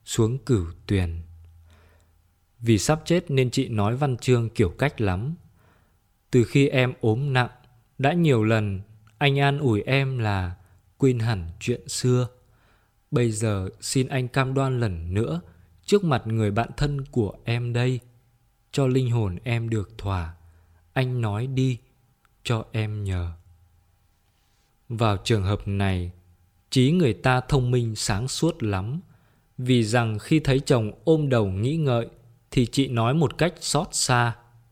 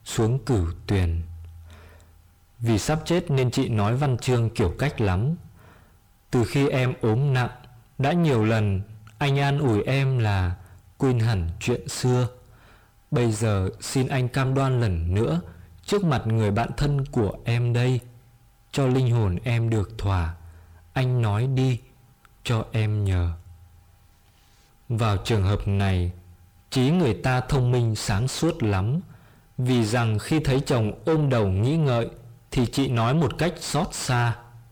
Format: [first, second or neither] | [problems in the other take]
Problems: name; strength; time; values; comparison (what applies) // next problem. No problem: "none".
first | distortion; heavy; 7 dB below the speech